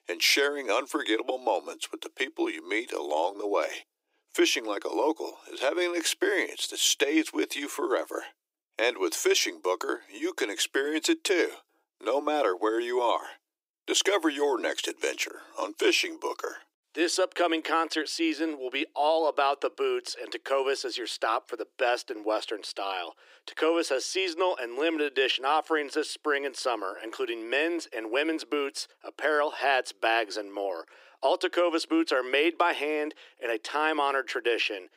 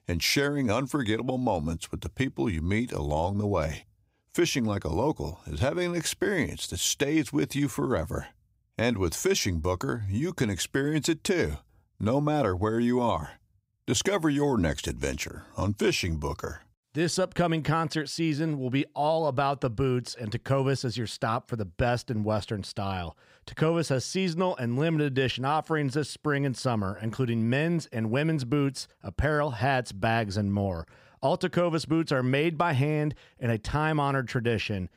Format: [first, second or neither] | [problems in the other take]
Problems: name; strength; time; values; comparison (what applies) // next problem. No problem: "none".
second | thin; very; fading below 300 Hz